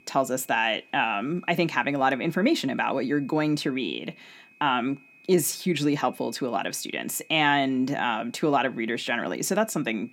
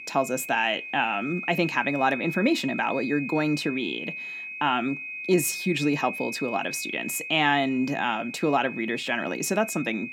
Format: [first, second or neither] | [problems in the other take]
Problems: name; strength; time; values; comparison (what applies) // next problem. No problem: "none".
first | high-pitched whine; loud; throughout; 2.5 kHz, 8 dB below the speech; faint in the first